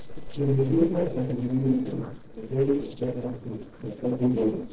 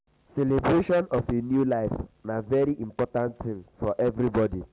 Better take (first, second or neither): second